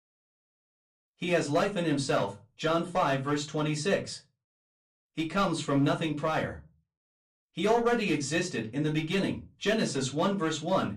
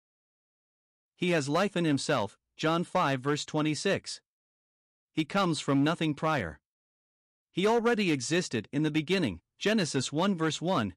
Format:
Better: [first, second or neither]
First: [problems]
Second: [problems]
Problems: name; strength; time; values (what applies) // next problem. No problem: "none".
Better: second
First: off-mic speech; far // room echo; very slight; dies away in 0.2 s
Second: none